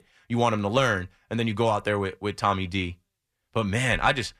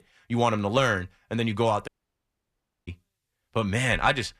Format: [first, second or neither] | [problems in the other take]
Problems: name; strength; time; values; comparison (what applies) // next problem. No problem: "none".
first | audio cutting out; at 2 s for 1 s